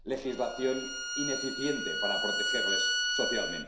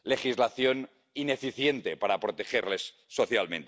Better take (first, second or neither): second